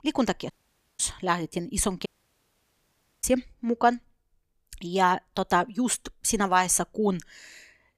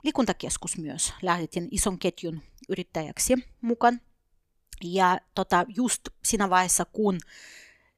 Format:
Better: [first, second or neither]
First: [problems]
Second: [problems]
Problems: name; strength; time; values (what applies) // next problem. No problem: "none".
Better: second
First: audio cutting out; at 0.5 s and at 2 s for 1 s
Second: none